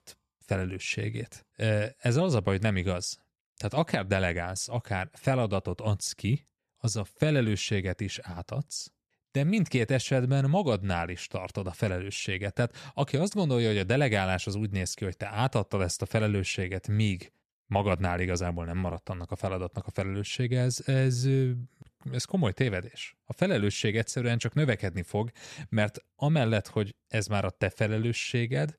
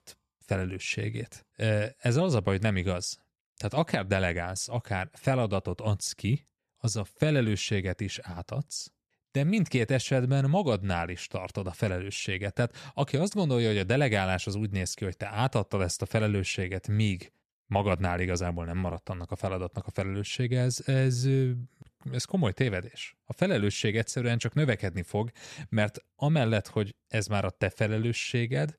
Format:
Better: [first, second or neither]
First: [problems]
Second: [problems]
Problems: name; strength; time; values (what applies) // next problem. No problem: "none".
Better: neither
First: none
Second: none